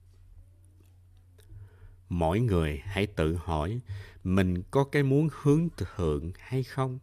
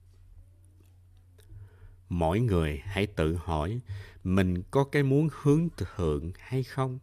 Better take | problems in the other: neither | none

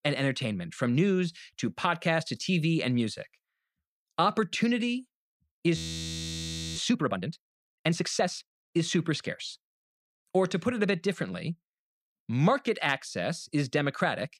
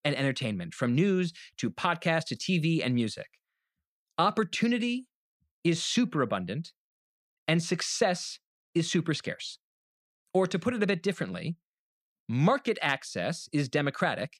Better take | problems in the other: second | audio freezing; at 6 s for 1 s

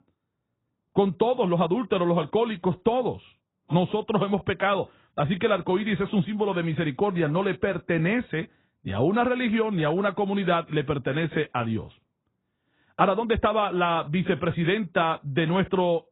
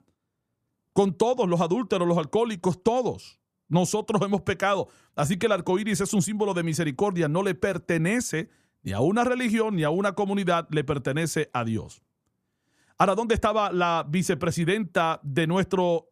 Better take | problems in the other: second | garbled, watery; badly; nothing above 4 kHz

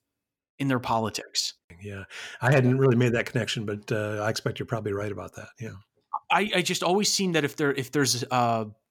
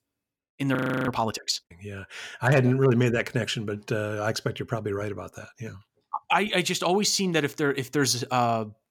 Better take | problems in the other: first | audio freezing; at 1 s

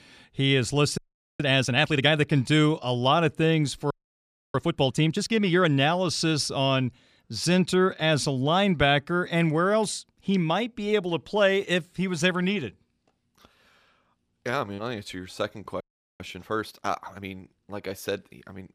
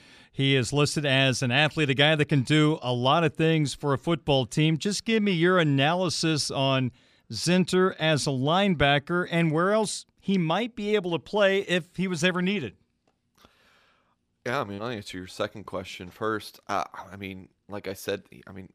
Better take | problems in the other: second | audio freezing; at 1 s, at 4 s for 0.5 s and at 16 s

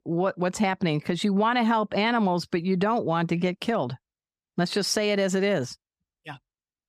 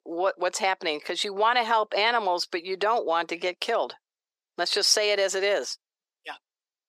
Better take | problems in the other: first | thin; very; fading below 400 Hz

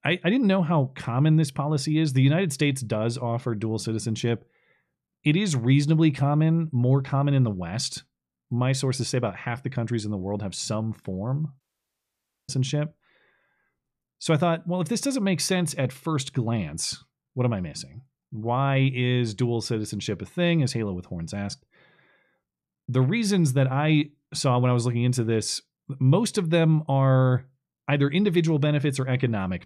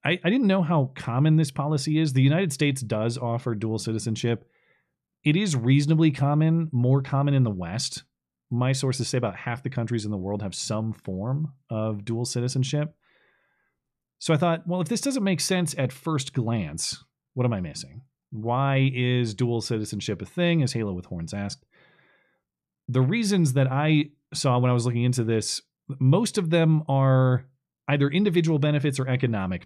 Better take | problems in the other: second | audio cutting out; at 12 s for 1 s

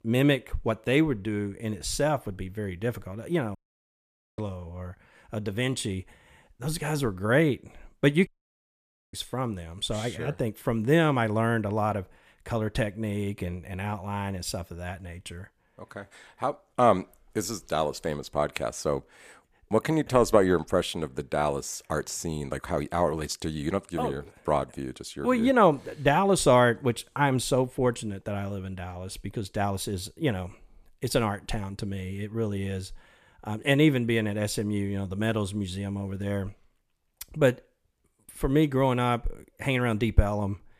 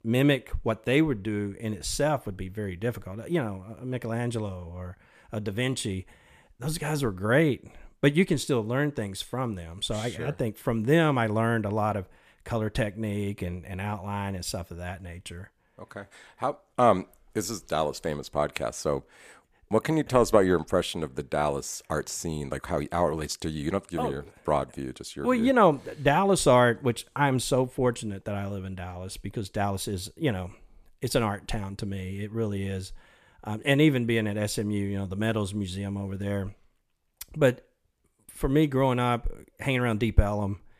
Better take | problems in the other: second | audio cutting out; at 3.5 s for 1 s and at 8.5 s for 1 s

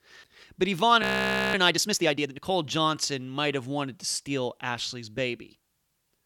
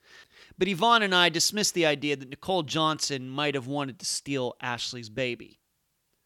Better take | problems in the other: second | audio freezing; at 1 s for 0.5 s

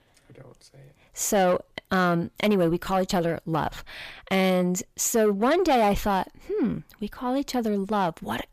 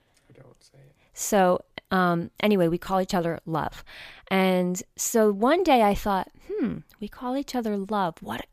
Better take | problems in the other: second | distortion; slight; 10 dB below the speech

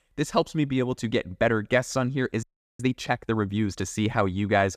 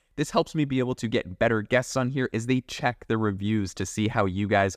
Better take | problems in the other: second | audio freezing; at 2.5 s

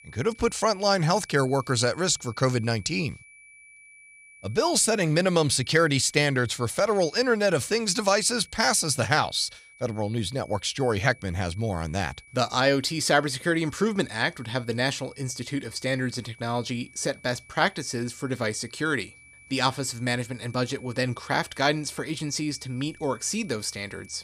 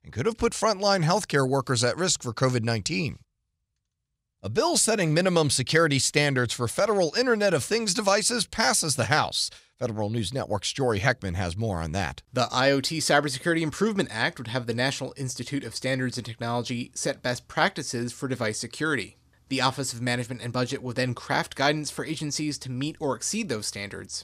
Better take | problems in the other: second | high-pitched whine; faint; throughout; 2.5 kHz, 25 dB below the speech

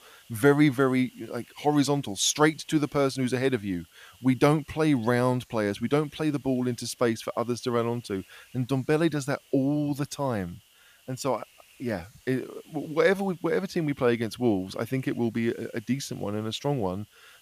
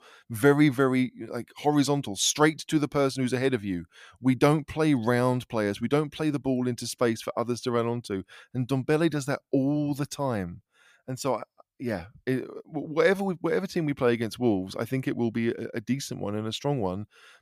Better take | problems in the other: second | hiss; faint; throughout; 30 dB below the speech

